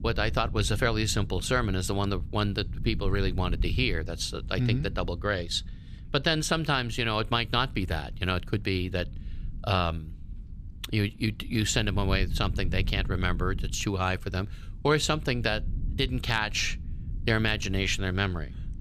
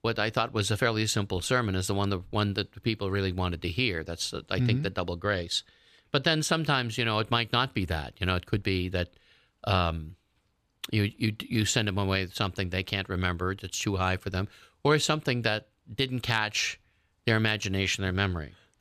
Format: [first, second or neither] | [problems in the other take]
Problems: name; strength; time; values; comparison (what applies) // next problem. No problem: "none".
second | low rumble; faint; throughout; 25 dB below the speech